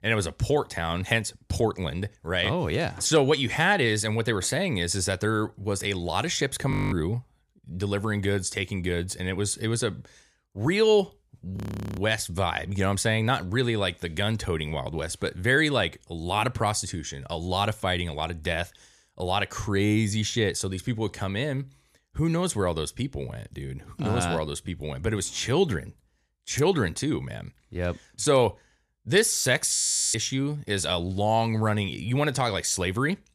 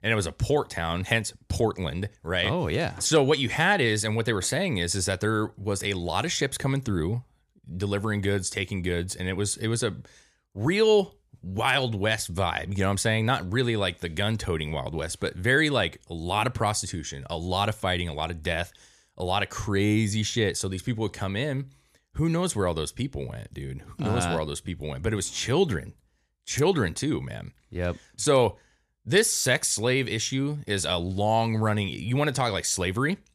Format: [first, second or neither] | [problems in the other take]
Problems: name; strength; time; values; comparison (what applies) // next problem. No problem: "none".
second | audio freezing; at 6.5 s, at 12 s and at 30 s